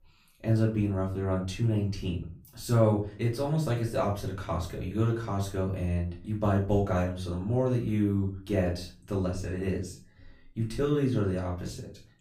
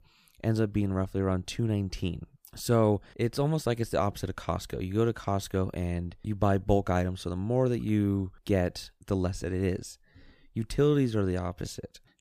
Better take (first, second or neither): second